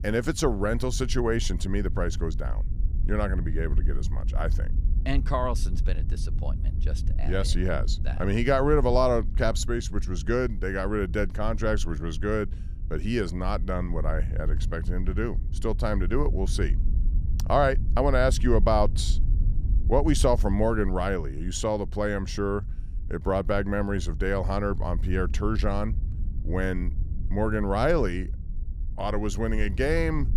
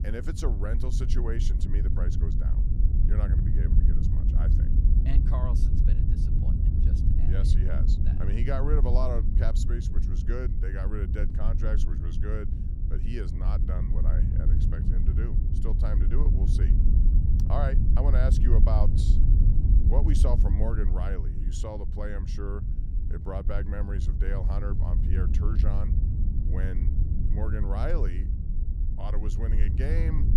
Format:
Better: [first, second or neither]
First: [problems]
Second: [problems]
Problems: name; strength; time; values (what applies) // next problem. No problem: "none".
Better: first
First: wind noise on the microphone; occasional gusts; 20 dB below the speech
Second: wind noise on the microphone; heavy; 4 dB below the speech